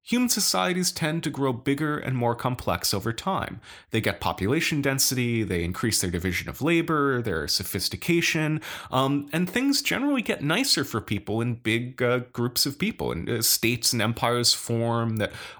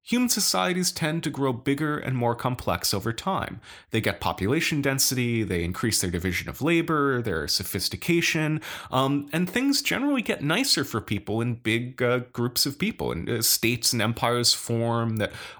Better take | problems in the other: neither | none

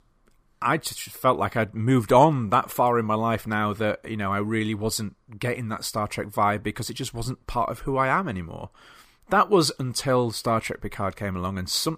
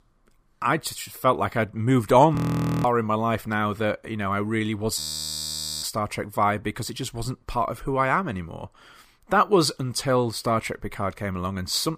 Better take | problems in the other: first | audio freezing; at 2.5 s and at 5 s for 1 s

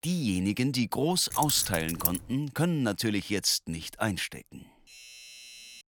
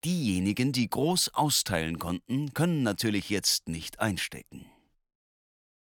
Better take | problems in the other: second | jangling keys; noticeable; at 1.5 s; peak 1 dB below the speech // doorbell; faint; from 5 s on; peak 15 dB below the speech

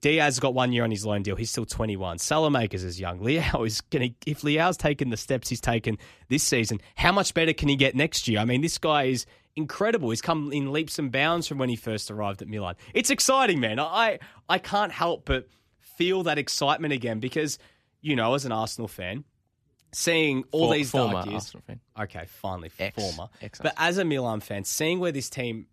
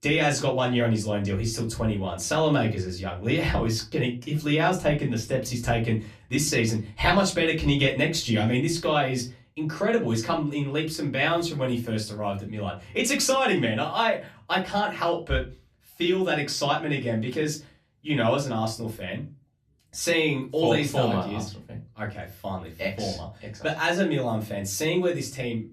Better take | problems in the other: first | off-mic speech; far // room echo; very slight; dies away in 0.2 s

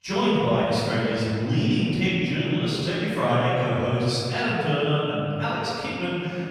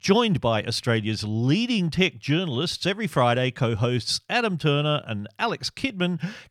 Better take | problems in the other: second | off-mic speech; far // room echo; strong; dies away in 2.3 s

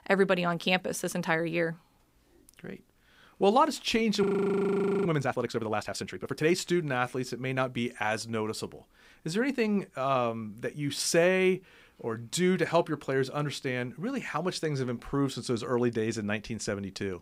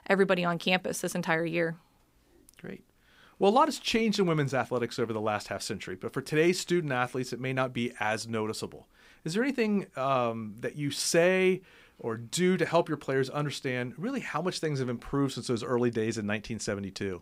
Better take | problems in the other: second | audio freezing; at 4 s for 1 s

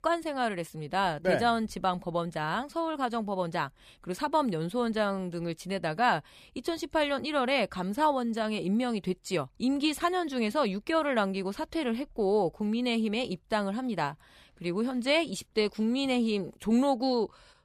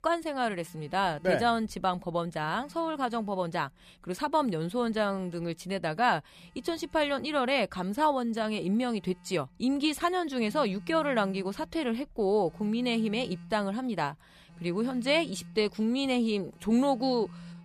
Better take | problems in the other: first | alarms or sirens; faint; throughout; 20 dB below the speech

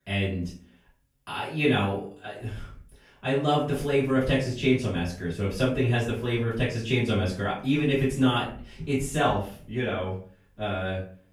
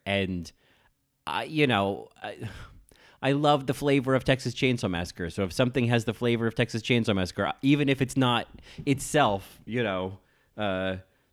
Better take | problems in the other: second | off-mic speech; far // room echo; noticeable; dies away in 0.4 s

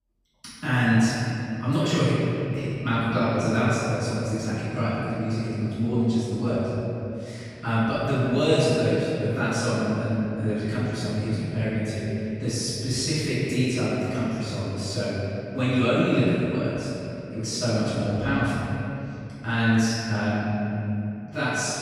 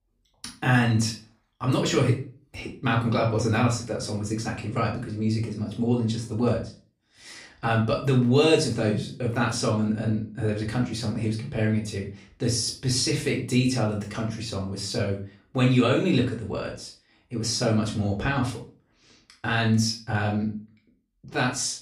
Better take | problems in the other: second | room echo; strong; dies away in 2.8 s; slight in the second // off-mic speech; far; far in the second

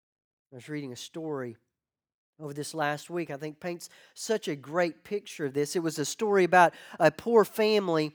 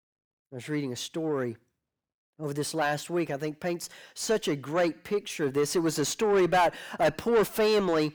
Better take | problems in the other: first | distortion; heavy; 6 dB below the speech

